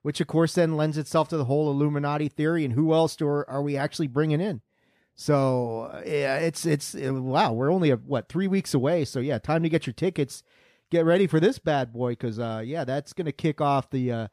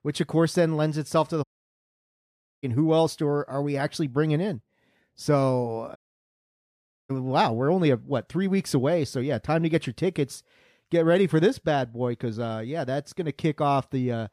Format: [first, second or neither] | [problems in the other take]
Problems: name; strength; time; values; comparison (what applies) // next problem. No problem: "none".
first | audio cutting out; at 1.5 s for 1 s and at 6 s for 1 s